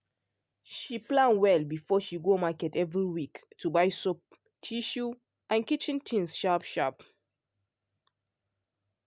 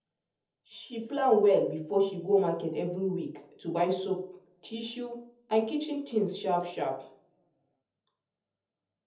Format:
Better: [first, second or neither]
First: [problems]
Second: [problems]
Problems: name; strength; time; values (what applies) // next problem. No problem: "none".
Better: first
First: none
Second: room echo; dies away in 0.7 s